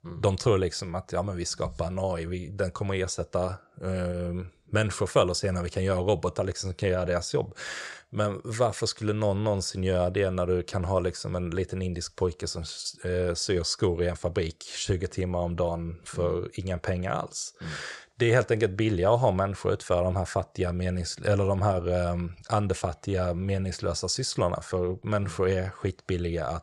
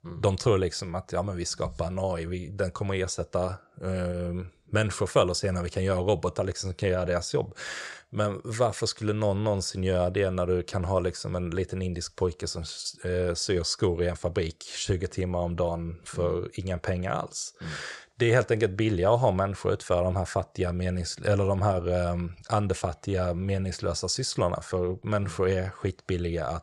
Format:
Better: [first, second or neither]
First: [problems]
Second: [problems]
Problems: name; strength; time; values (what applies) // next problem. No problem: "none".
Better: neither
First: none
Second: none